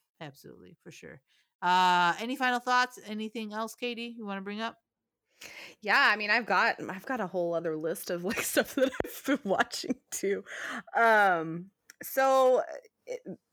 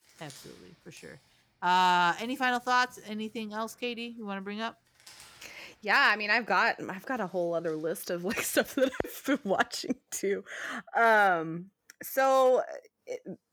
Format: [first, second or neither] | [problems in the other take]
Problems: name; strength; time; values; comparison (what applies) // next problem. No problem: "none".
first | household noises; faint; until 9.5 s; 30 dB below the speech